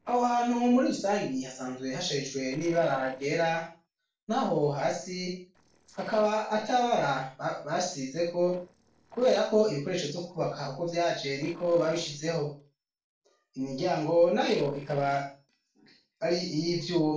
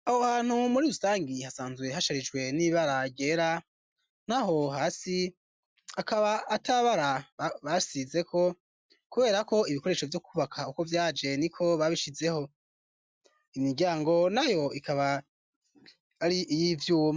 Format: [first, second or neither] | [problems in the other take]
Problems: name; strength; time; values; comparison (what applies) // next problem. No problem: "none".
second | noise reduction (neural separator model SepFormer DNS4)